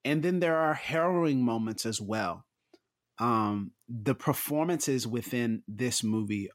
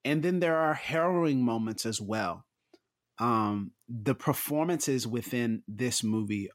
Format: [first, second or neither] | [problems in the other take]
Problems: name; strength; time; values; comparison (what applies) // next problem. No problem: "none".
neither | none